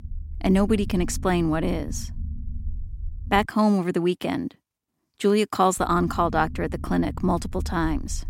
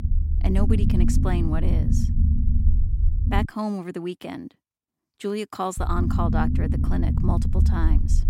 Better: first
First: low rumble; faint; until 3.5 s and from 6 s on; 25 dB below the speech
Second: low rumble; loud; until 3.5 s and from 6 s on; 5 dB below the speech

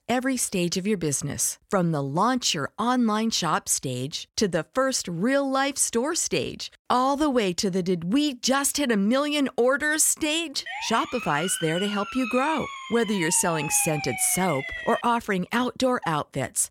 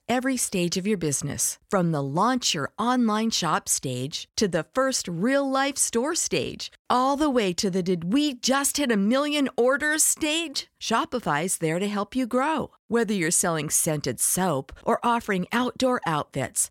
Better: second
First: siren; noticeable; from 11 to 15 s; peak 6 dB below the speech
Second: none

